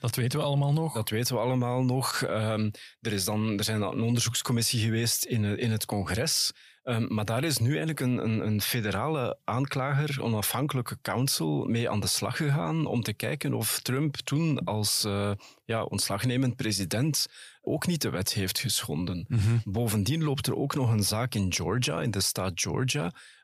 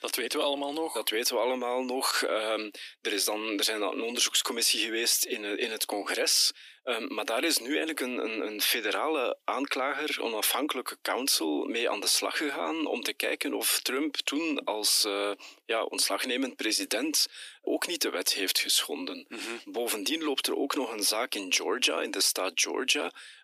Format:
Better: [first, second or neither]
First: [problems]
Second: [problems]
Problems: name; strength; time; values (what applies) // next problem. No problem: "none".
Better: first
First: none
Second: thin; somewhat; fading below 300 Hz